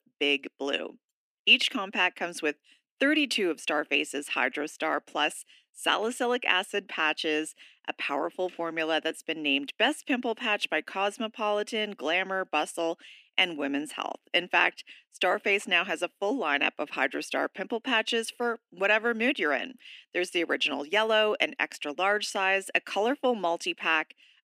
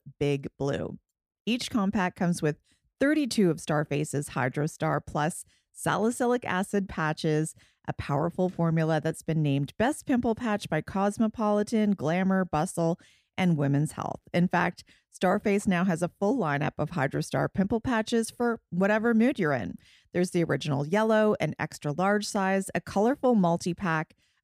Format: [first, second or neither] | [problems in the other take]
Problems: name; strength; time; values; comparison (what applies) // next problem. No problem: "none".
second | thin; somewhat; fading below 250 Hz